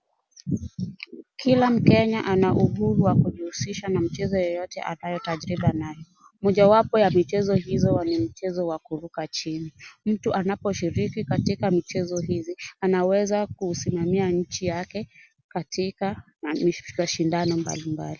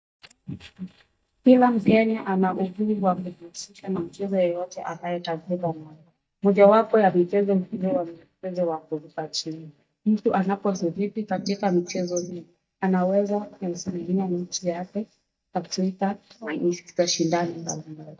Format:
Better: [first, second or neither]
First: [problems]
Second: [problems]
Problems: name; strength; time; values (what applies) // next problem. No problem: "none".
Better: first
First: none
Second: noise reduction (neural mask model DeepFilterNet 3)